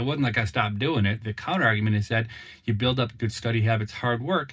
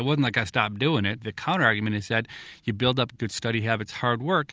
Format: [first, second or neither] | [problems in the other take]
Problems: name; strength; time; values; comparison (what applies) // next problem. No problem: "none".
second | room echo; dies away in 0.4 s